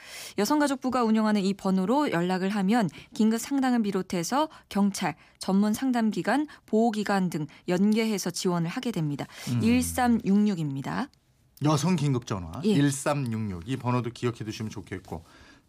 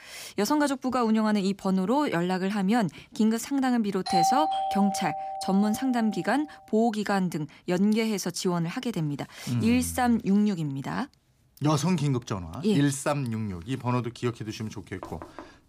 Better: first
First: none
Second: doorbell; loud; from 4 to 6 s; peak 3 dB above the speech // door banging; faint; at 15 s; peak 15 dB below the speech

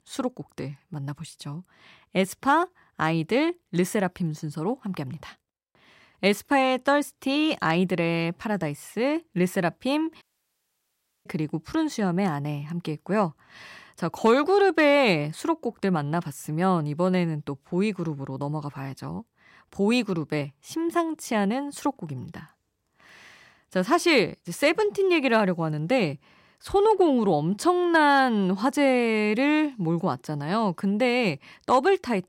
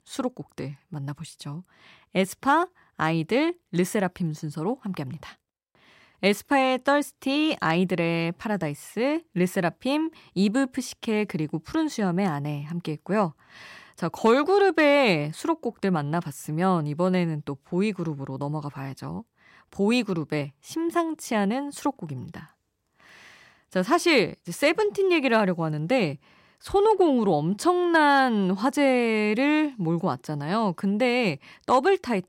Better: second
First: audio cutting out; at 10 s for 1 s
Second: none

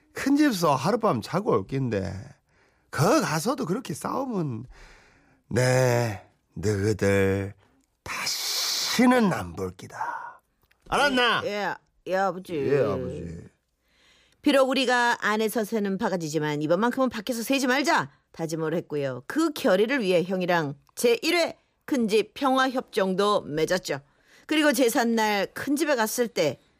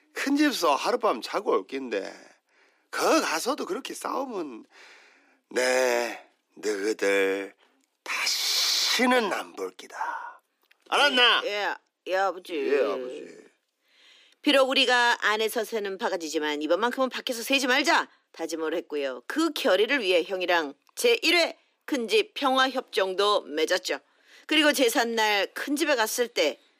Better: first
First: none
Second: thin; very slightly; fading below 250 Hz

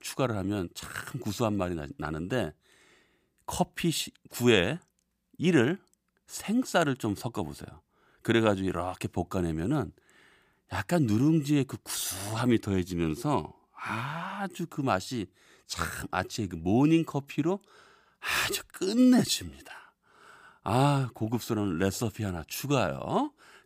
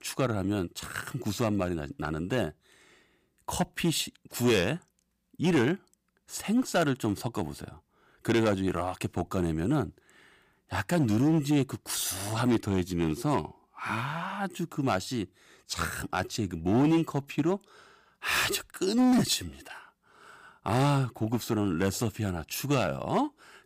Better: first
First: none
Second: distortion; slight; 4% of the sound clipped

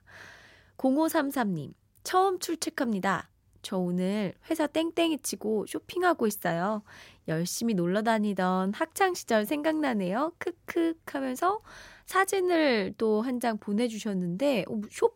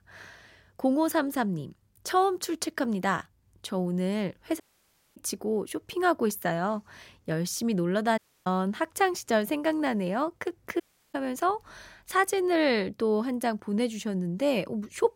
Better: first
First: none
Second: audio cutting out; at 4.5 s for 0.5 s, at 8 s and at 11 s

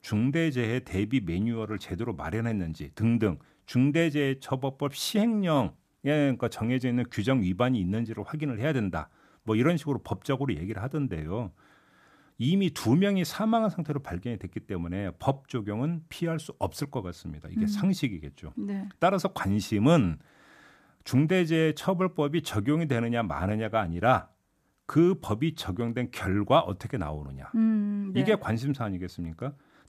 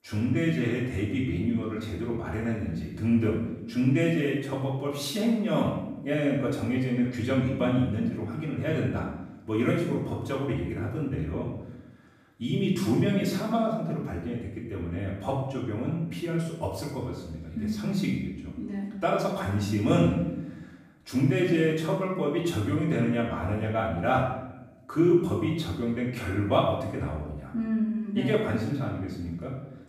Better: first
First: none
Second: off-mic speech; far // room echo; noticeable; dies away in 0.8 s

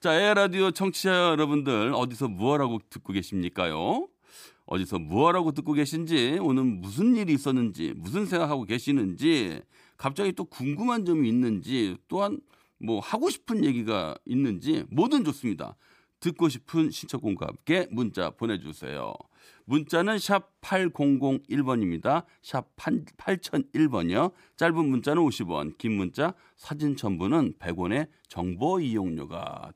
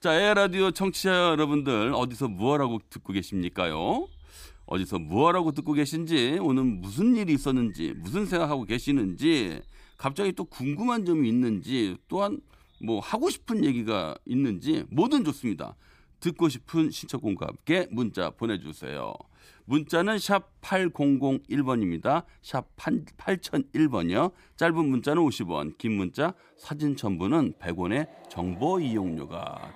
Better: first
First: none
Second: animal sounds; faint; throughout; 30 dB below the speech

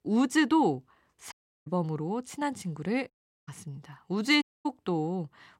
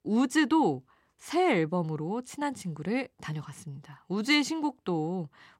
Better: second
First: audio cutting out; at 1.5 s, at 3 s and at 4.5 s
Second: none

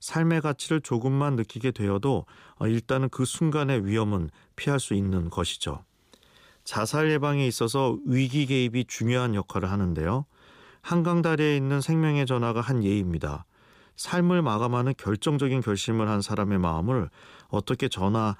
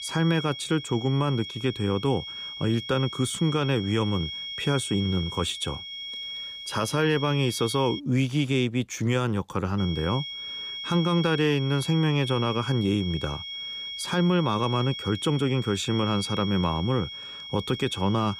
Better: first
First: none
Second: high-pitched whine; loud; until 8 s and from 10 s on; 3.5 kHz, 8 dB below the speech

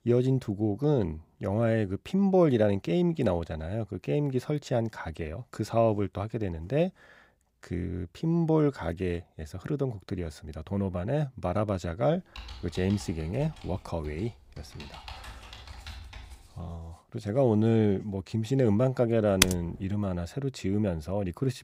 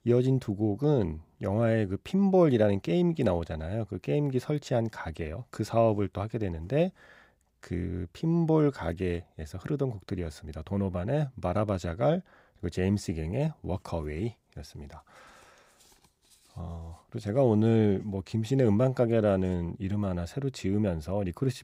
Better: second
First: keyboard typing; faint; from 12 to 17 s; peak 15 dB below the speech // keyboard typing; loud; at 19 s; peak 4 dB above the speech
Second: none

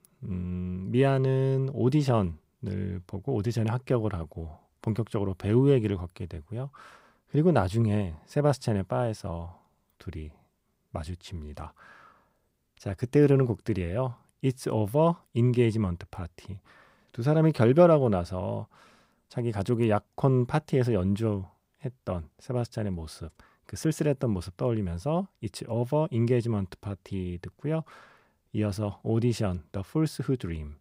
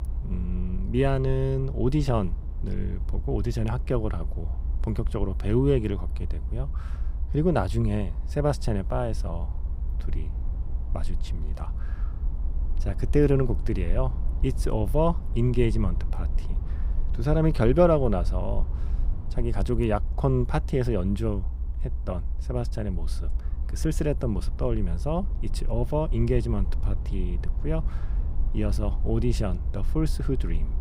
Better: first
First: none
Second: low rumble; noticeable; throughout; 20 dB below the speech

